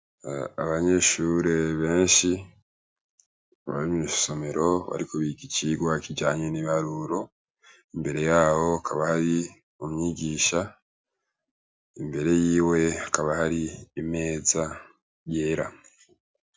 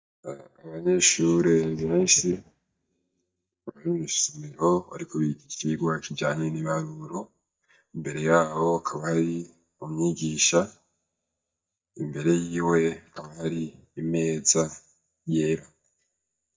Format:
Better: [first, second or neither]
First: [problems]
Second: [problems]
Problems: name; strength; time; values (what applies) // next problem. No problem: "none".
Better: first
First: none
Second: noise reduction (neural mask model DeepFilterNet 3)